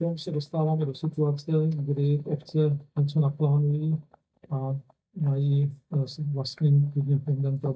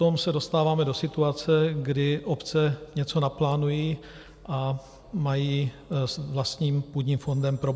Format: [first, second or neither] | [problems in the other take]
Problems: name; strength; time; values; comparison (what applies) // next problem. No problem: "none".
second | noise reduction (neural mask model DeepFilterNet 3)